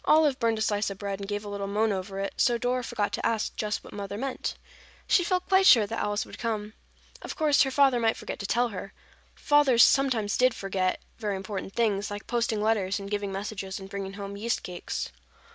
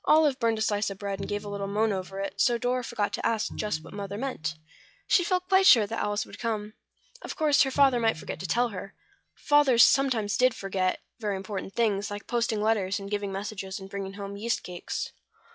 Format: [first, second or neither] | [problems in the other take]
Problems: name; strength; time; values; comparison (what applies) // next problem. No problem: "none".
first | noise reduction (classical method log-MMSE)